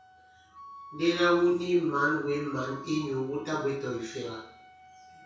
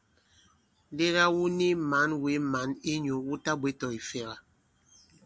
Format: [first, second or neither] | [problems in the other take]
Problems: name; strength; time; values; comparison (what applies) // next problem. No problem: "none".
second | background sound (Wind instrument, woodwind instrument); 20 dB below the speech // room echo; dies away in 0.6 s